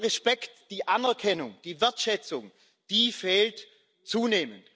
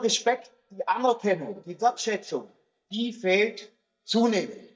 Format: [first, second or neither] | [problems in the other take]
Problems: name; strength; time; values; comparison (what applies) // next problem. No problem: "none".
first | noise reduction (neural mask model DeepFilterNet 3)